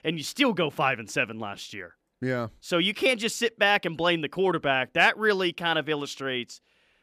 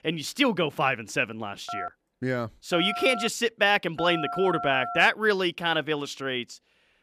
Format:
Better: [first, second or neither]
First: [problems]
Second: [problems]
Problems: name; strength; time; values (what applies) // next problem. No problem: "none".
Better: first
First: none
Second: phone ringing; noticeable; from 1.5 to 5 s; peak 7 dB below the speech